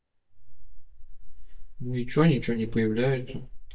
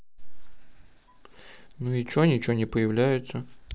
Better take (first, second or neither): second